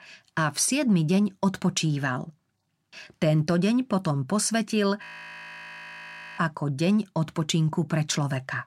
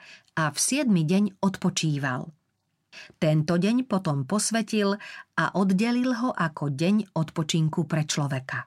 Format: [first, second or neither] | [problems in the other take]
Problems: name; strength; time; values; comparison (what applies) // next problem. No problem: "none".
second | audio freezing; at 5 s for 1.5 s